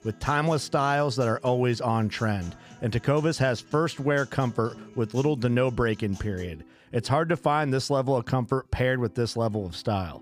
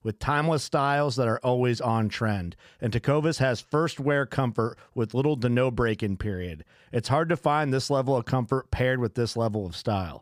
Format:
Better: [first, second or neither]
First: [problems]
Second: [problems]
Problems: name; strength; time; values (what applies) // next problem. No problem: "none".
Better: second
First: background music; faint; throughout; 25 dB below the speech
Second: none